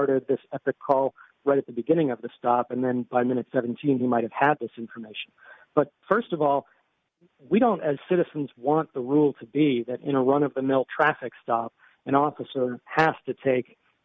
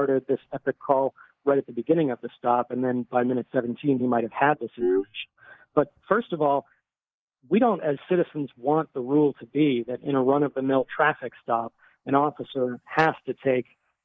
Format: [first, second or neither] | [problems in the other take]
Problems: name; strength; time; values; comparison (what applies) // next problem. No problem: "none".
first | noise reduction (neural mask model Resemble Enhance denoiser)